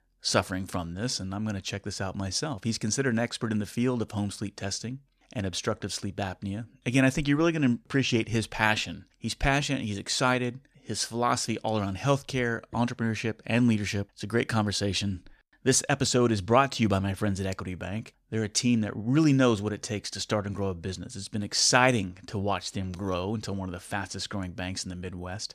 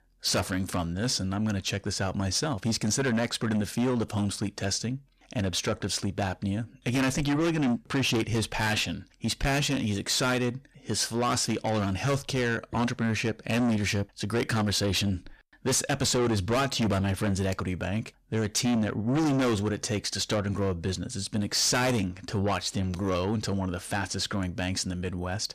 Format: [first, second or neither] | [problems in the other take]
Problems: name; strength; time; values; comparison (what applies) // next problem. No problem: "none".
first | distortion; heavy; 6 dB below the speech